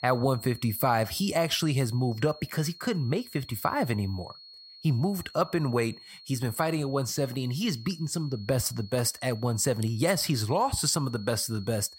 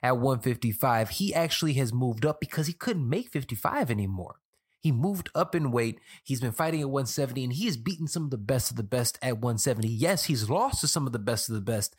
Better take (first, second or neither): second